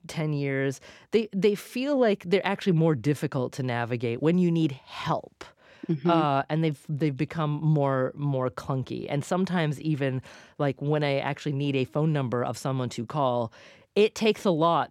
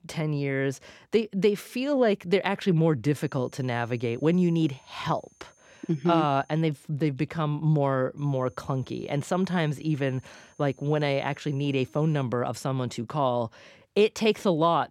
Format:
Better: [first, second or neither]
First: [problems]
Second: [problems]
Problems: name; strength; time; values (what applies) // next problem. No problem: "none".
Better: first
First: none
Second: high-pitched whine; faint; from 3 to 6.5 s and from 8 to 12 s; 6.5 kHz, 35 dB below the speech